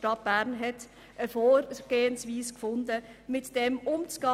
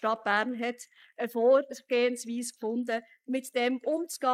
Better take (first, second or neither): first